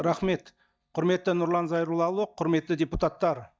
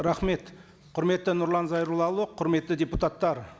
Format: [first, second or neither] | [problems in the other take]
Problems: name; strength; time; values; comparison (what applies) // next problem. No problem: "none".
second | noise reduction (neural mask model DeepFilterNet 3)